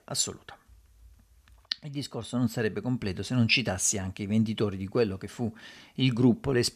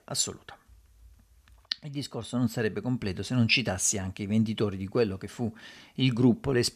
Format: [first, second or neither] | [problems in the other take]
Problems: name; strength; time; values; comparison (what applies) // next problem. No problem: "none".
neither | none